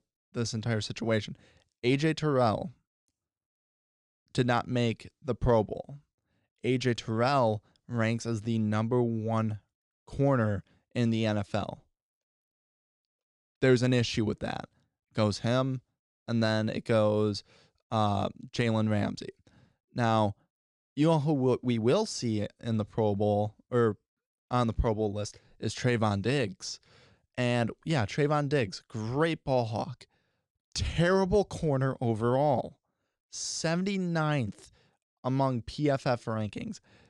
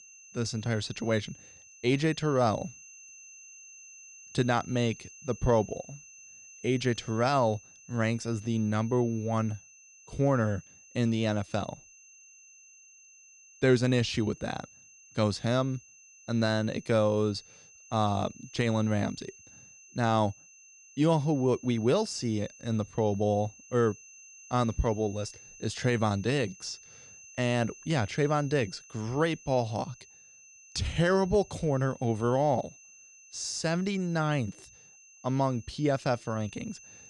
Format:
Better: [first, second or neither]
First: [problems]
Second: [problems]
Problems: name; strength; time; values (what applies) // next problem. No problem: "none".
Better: first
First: none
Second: high-pitched whine; faint; throughout; 6.5 kHz, 20 dB below the speech